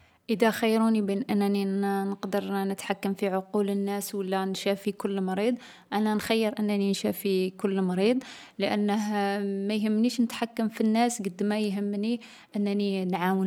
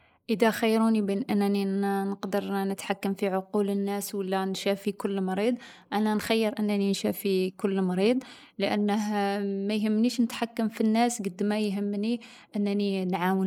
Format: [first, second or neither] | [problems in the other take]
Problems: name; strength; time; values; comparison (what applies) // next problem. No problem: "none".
first | noise reduction (neural mask model Resemble Enhance denoiser)